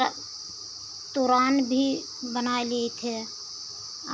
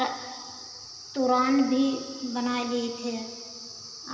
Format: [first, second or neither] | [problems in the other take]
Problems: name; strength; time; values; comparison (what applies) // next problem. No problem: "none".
first | room echo; dies away in 2.1 s